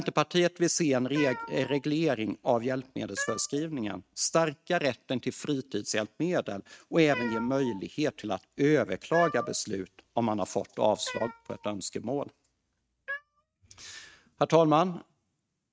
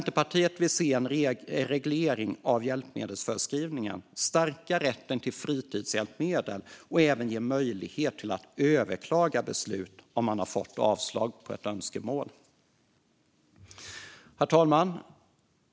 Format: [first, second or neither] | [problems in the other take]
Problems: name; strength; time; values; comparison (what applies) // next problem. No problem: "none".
second | noise reduction (neural mask model RNNoise)